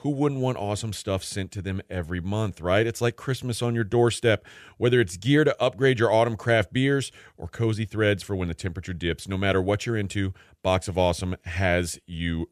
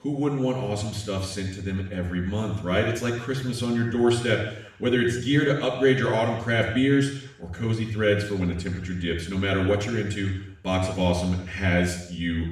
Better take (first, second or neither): first